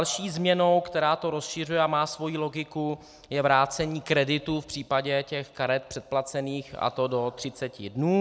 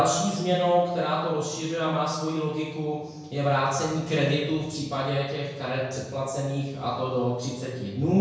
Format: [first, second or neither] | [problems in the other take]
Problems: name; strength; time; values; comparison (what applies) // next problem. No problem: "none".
first | room echo; dies away in 1 s